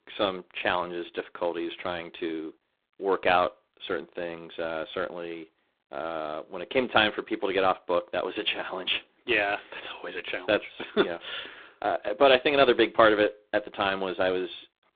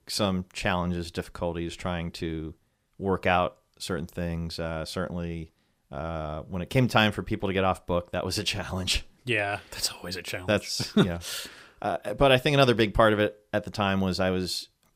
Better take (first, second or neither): second